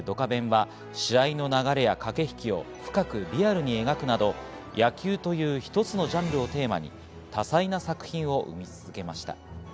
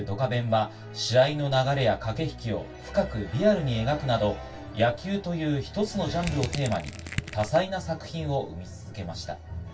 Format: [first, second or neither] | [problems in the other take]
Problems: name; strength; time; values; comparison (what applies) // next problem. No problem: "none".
first | background sound (Crushing); 10 dB below the speech // room echo; dies away in 0.1 s